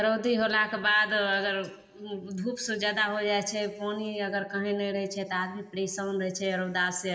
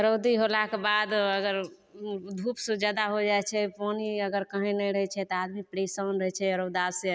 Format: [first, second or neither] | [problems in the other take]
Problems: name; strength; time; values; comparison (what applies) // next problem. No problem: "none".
second | room echo; dies away in 1.9 s